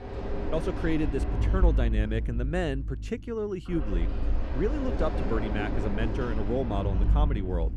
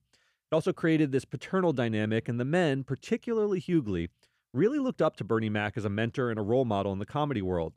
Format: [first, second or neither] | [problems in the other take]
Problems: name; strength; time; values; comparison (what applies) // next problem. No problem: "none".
second | household noises; very loud; throughout; 2 dB above the speech